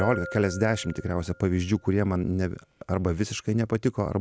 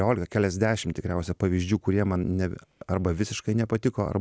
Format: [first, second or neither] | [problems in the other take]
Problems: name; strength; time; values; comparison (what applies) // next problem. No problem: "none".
second | background sound (Bell); 16 dB below the speech